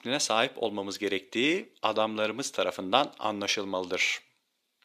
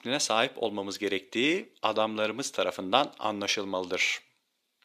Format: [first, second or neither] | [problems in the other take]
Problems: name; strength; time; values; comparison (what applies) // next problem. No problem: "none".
neither | thin; somewhat; fading below 400 Hz; the same in both